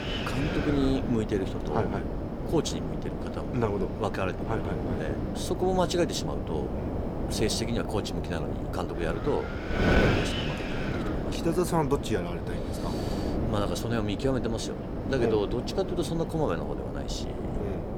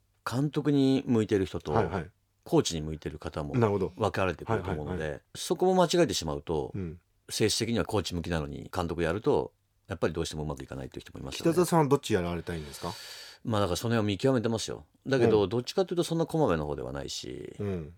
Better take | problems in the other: second | wind noise on the microphone; heavy; 3 dB below the speech

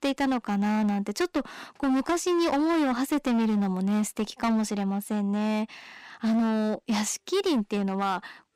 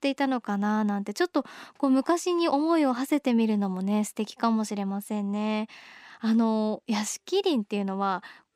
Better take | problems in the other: second | distortion; slight; 17% of the sound clipped

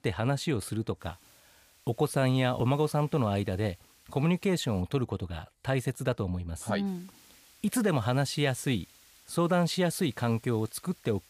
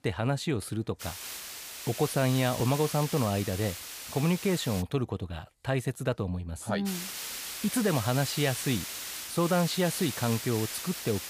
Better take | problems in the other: first | hiss; loud; from 1 to 5 s and from 7 s on; 7 dB below the speech; faint in the first

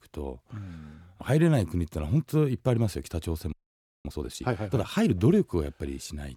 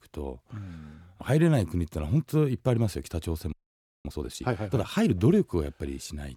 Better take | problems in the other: neither | audio freezing; at 3.5 s for 0.5 s; the same in both

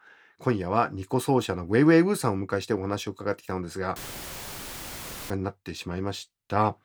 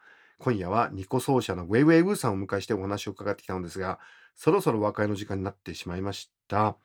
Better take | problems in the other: second | audio cutting out; filled with static; at 4 s for 1.5 s

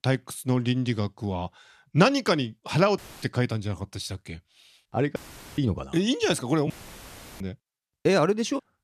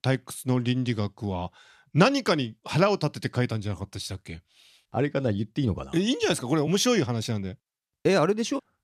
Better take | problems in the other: second | audio cutting out; filled with static; at 3 s, at 5 s and at 6.5 s for 0.5 s

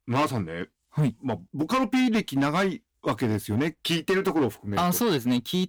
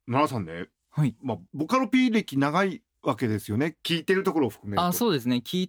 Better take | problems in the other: second | distortion; slight; 10% of the sound clipped

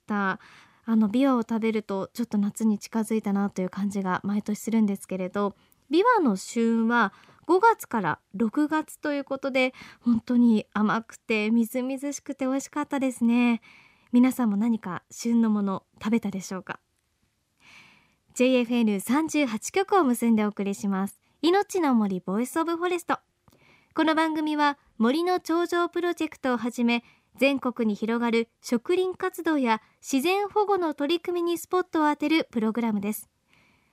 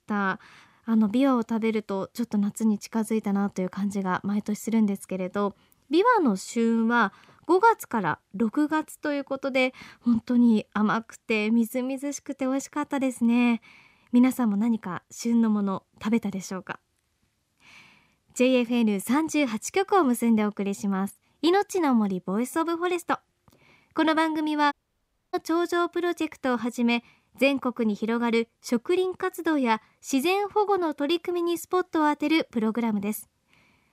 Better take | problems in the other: first | audio cutting out; at 25 s for 0.5 s

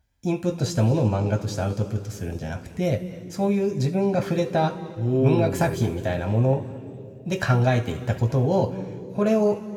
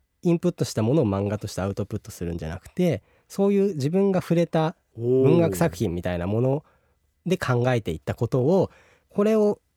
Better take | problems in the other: second | room echo; slight; dies away in 1.8 s

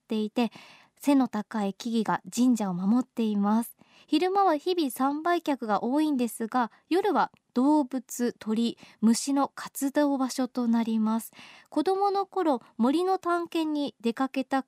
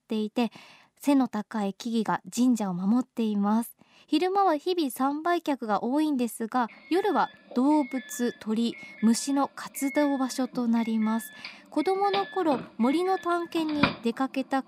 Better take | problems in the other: first | doorbell; noticeable; from 12 to 14 s; peak 1 dB below the speech

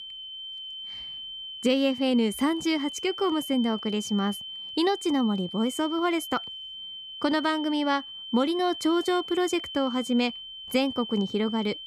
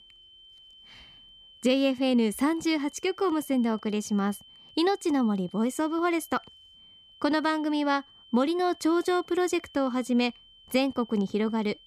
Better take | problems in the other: second | high-pitched whine; loud; throughout; 3 kHz, 10 dB below the speech; faint in the second

